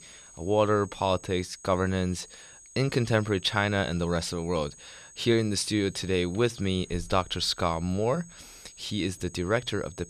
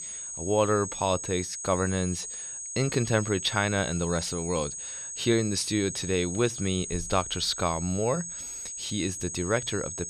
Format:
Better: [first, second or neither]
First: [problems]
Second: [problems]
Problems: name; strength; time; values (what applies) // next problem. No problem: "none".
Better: first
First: high-pitched whine; faint; throughout; 6.5 kHz, 20 dB below the speech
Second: high-pitched whine; loud; throughout; 6.5 kHz, 6 dB below the speech